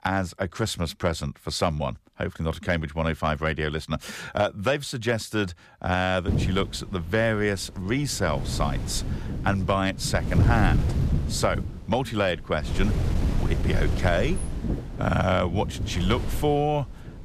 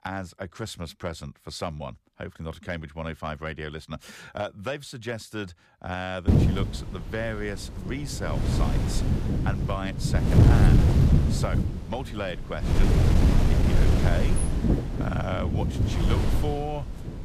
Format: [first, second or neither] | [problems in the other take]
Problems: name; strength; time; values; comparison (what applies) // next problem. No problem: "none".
first | wind noise on the microphone; heavy; from 6.5 s on; 2 dB above the speech; occasional gusts in the first